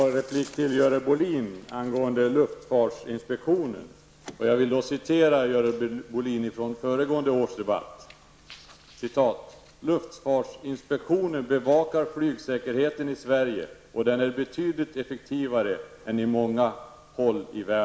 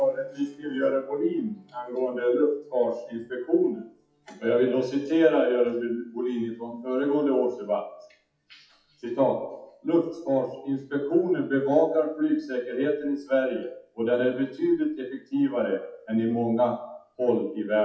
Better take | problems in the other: first | noise reduction (classical method WPE with log-MMSE)

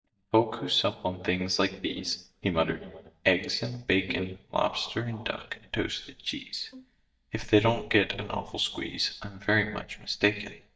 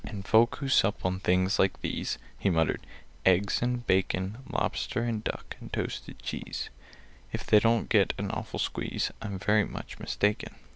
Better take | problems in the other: second | noise reduction (neural mask model DeepFilterNet 3)

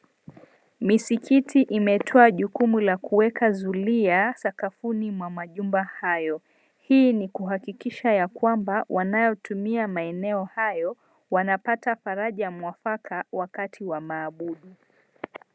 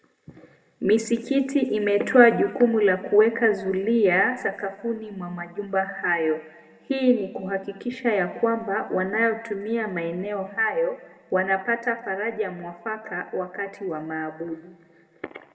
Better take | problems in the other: first | room echo; dies away in 1.3 s

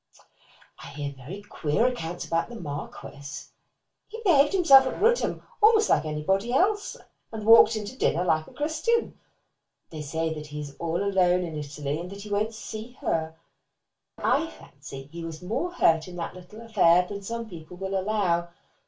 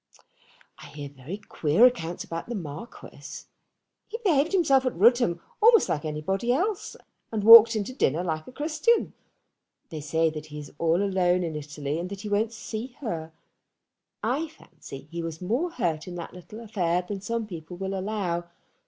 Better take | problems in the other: second | background sound (Piano); 12 dB below the speech // room echo; dies away in 0.2 s

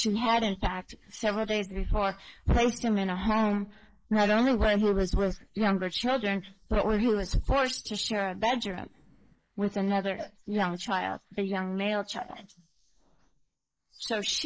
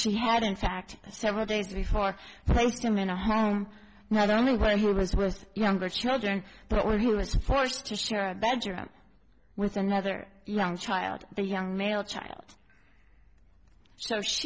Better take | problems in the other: second | noise reduction (neural mask model Resemble Enhance denoiser)

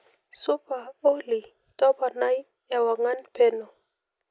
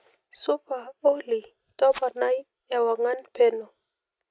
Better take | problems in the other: first | noise reduction (neural mask model RNNoise)

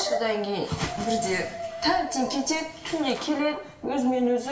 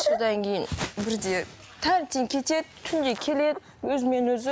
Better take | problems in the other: second | background sound (Dog); 10 dB below the speech // room echo; dies away in 0.8 s

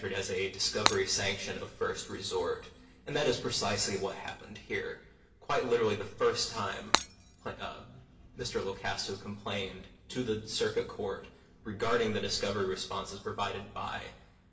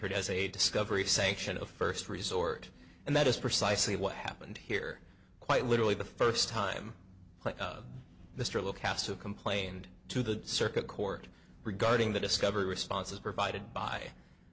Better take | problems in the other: second | background sound (Shatter); as loud as the speech // room echo; dies away in 0.9 s

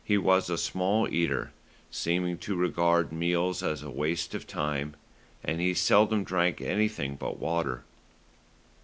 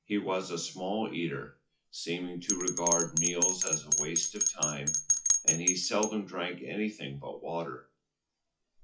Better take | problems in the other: first | noise reduction (classical method WPE with log-MMSE)

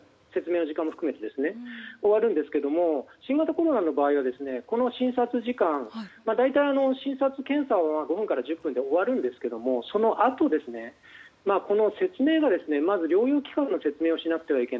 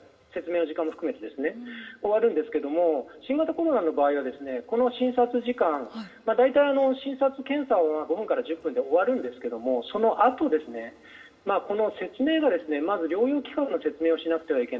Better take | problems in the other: first | room echo; dies away in 0.4 s

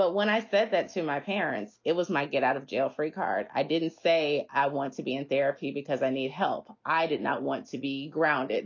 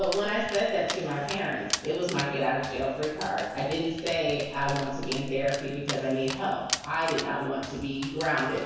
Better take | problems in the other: first | background sound (Dog); 10 dB below the speech // room echo; dies away in 1.1 s

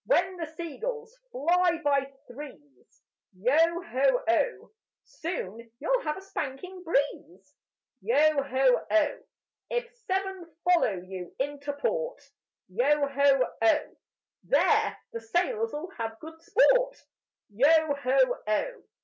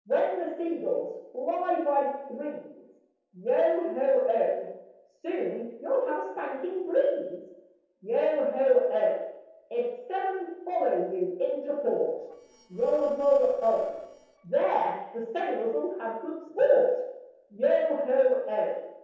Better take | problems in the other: first | noise reduction (neural separator model SepFormer DNS4)

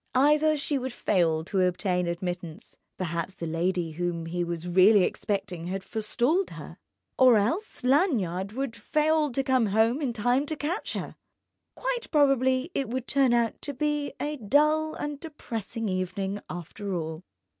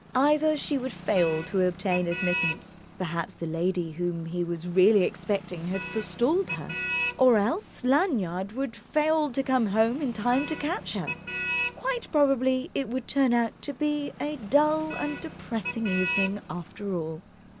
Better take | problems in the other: first | background sound (Motor vehicle (road)); 10 dB below the speech

